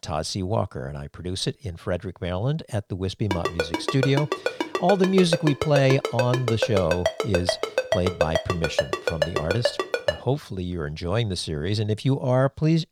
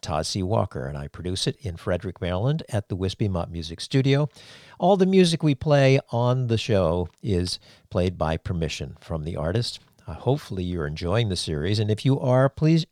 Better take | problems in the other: second | phone ringing; noticeable; from 3.5 to 10 s; peak level with the speech

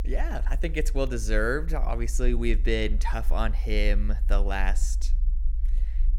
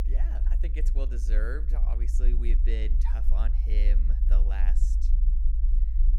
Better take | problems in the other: first | low rumble; loud; throughout; 7 dB below the speech; faint in the first

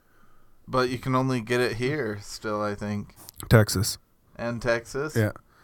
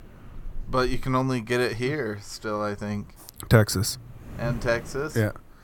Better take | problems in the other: first | wind noise on the microphone; occasional gusts; 20 dB below the speech

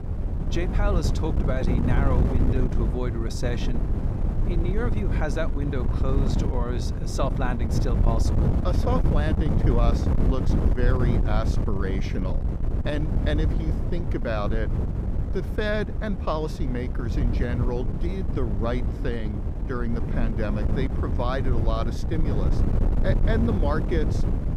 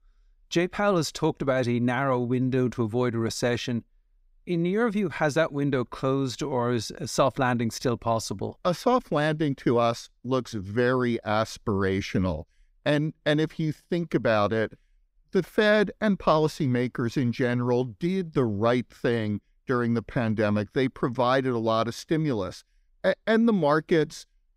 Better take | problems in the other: second | wind noise on the microphone; heavy; 4 dB below the speech

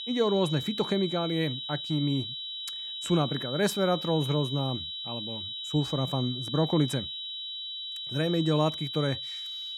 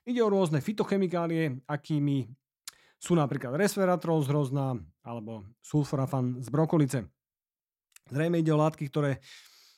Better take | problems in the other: second | high-pitched whine; loud; throughout; 4 kHz, 5 dB below the speech

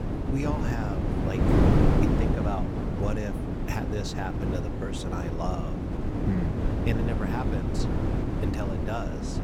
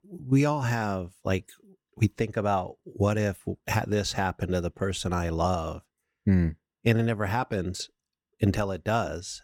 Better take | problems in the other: second | wind noise on the microphone; heavy; 3 dB above the speech

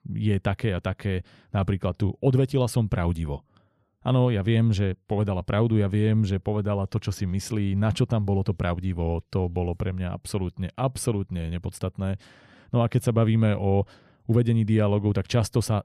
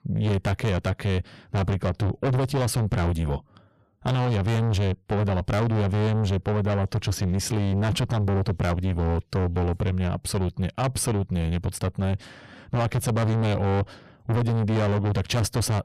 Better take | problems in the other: first | distortion; heavy; 6 dB below the speech

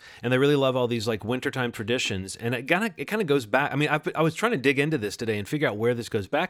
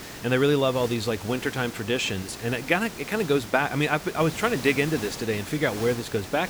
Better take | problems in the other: first | hiss; noticeable; throughout; 10 dB below the speech

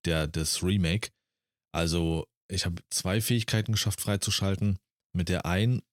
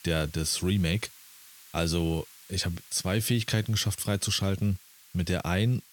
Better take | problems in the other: first | hiss; faint; throughout; 20 dB below the speech

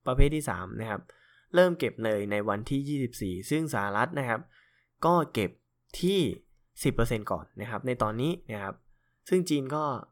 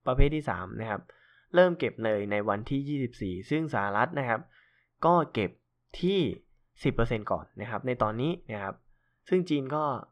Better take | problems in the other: first | muffled; slightly; fading above 3 kHz

